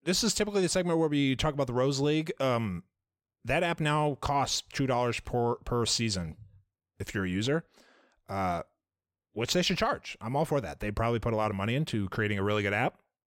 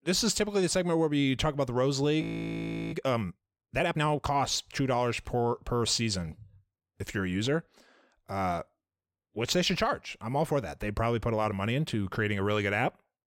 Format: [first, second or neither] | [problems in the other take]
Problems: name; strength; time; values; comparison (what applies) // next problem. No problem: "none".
first | audio freezing; at 2 s for 0.5 s